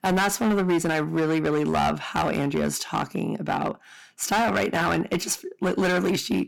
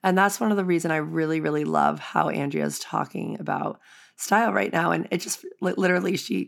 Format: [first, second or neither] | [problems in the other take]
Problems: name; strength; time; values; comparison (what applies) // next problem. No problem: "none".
second | distortion; heavy; 12% of the sound clipped